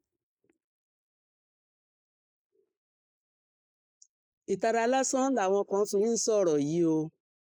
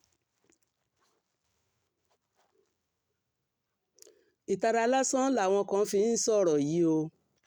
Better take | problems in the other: second | noise reduction (neural mask model Resemble Enhance denoiser)

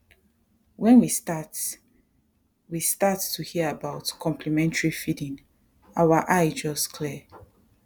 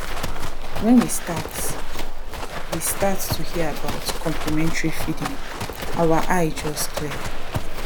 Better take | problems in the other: first | background sound (Livestock, farm animals, working animals); 3 dB above the speech

